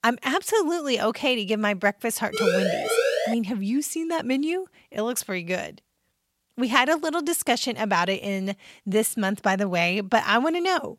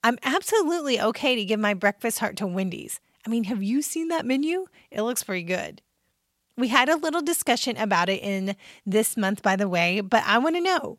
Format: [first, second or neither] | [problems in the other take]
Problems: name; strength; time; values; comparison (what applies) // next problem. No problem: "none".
second | siren; loud; from 2.5 to 3.5 s; peak 2 dB above the speech